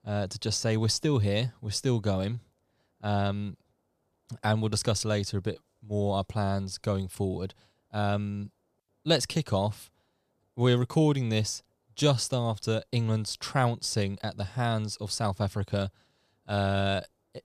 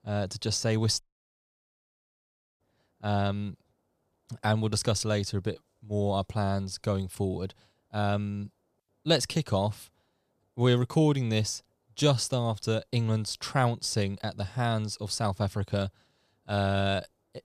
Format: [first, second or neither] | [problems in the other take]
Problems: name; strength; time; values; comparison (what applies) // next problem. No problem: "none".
first | audio cutting out; at 1 s for 1.5 s